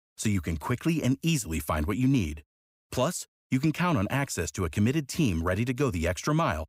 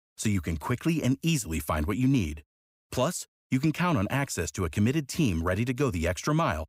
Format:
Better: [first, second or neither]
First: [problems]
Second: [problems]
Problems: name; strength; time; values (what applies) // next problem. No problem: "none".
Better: neither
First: none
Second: none